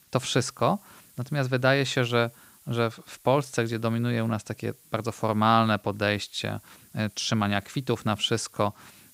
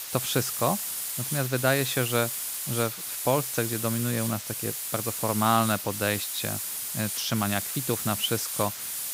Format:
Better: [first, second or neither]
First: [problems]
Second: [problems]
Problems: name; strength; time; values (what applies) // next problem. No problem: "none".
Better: first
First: hiss; faint; throughout; 25 dB below the speech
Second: hiss; loud; throughout; 2 dB below the speech